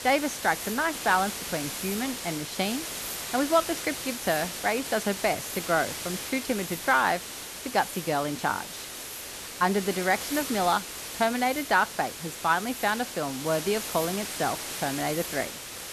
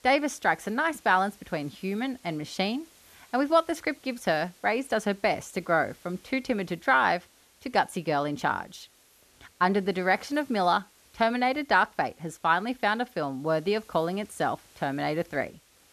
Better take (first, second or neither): second